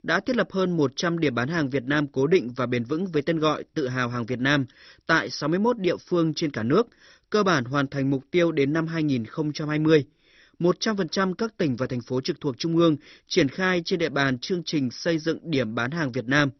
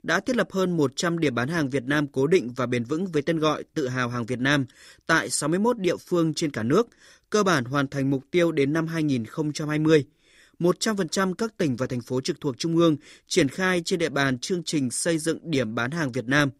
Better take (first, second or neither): second